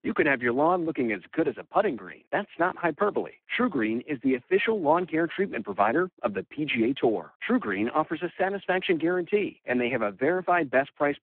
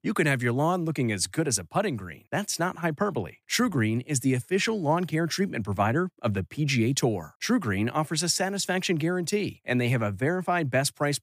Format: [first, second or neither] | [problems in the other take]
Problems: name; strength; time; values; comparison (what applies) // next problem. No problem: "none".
second | phone-call audio; poor line